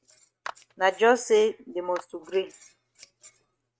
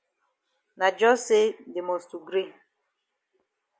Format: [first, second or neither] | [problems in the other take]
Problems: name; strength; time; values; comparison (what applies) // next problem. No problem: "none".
second | noise reduction (neural mask model RNNoise)